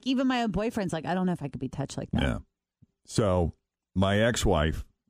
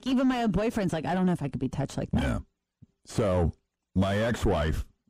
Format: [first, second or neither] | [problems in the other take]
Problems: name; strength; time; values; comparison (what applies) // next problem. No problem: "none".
first | distortion; heavy; 7 dB below the speech